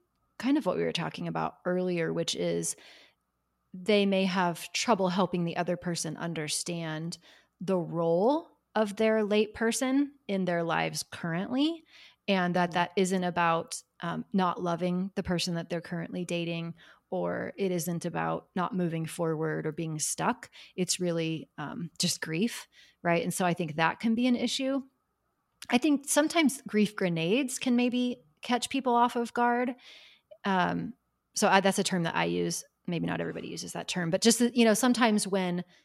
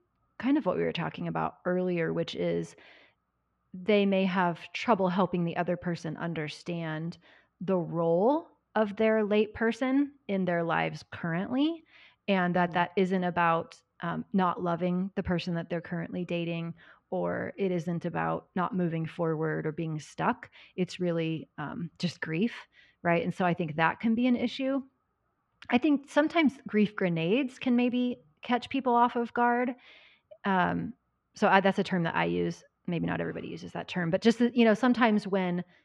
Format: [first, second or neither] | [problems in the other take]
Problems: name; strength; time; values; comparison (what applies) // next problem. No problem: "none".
first | muffled; slightly; fading above 2 kHz